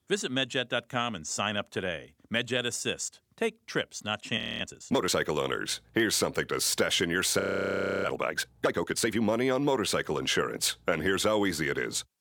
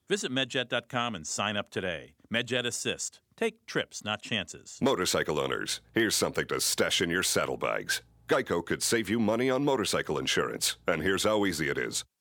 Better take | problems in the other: second | audio freezing; at 4.5 s and at 7.5 s for 0.5 s

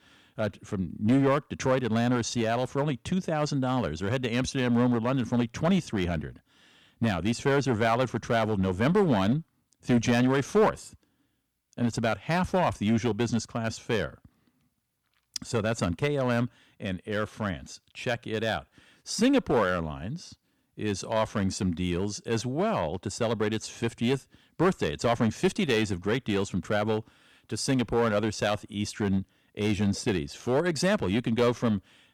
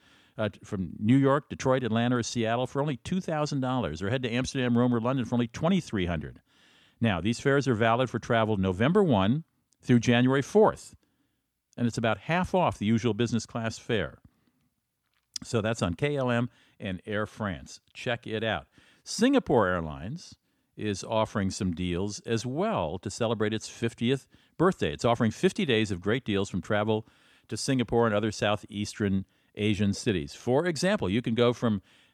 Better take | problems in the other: second | distortion; slight; 4% of the sound clipped

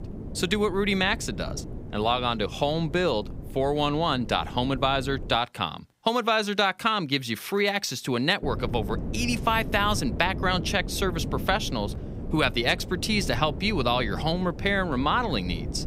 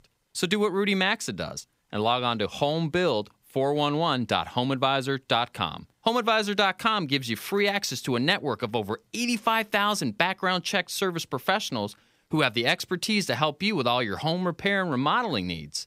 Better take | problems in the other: second | wind noise on the microphone; occasional gusts; until 5.5 s and from 8.5 s on; 15 dB below the speech

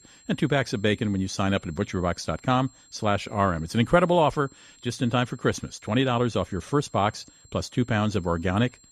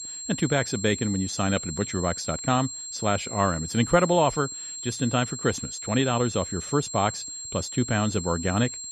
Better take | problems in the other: first | high-pitched whine; loud; throughout; 7.5 kHz, 7 dB below the speech; faint in the first

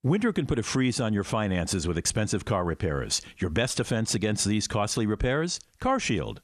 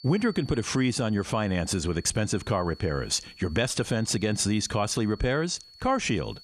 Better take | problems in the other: first | high-pitched whine; faint; throughout; 4.5 kHz, 20 dB below the speech

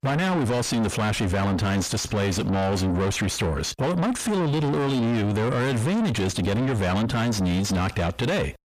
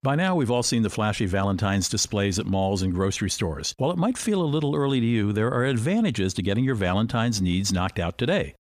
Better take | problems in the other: second | distortion; heavy; 7 dB below the speech

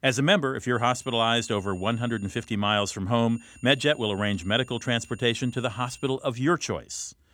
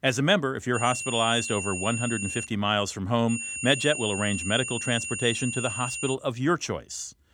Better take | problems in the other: first | high-pitched whine; loud; from 1 to 2.5 s and from 3.5 to 6 s; 2.5 kHz, 5 dB below the speech; faint in the first

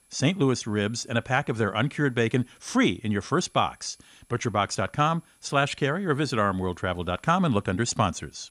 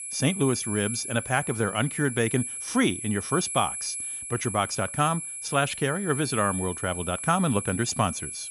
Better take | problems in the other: first | high-pitched whine; loud; throughout; 10.5 kHz, 5 dB below the speech; faint in the first

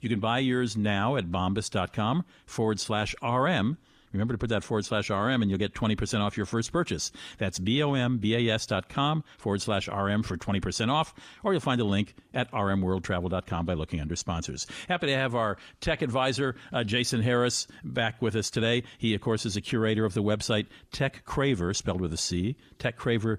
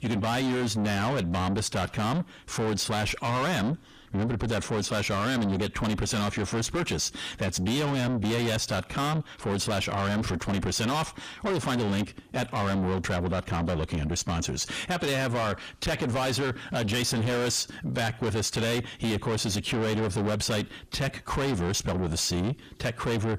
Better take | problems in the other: first | distortion; heavy; 6 dB below the speech

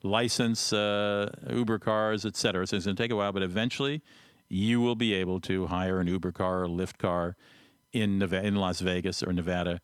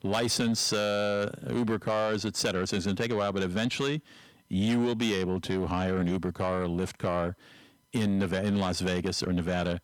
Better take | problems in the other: first | distortion; slight; 10 dB below the speech

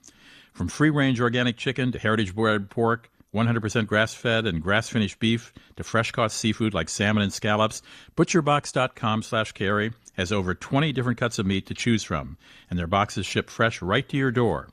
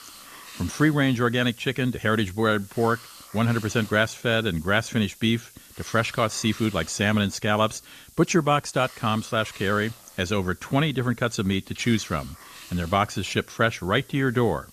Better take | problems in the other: first | hiss; faint; throughout; 20 dB below the speech

